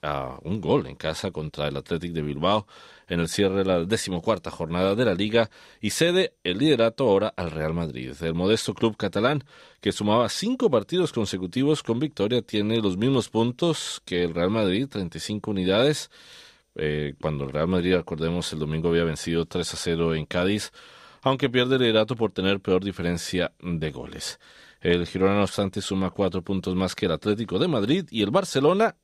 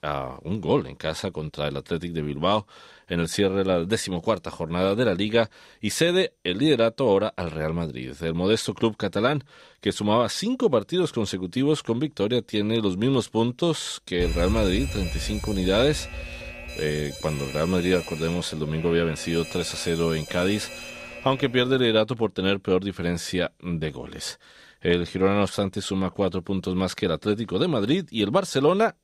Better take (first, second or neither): first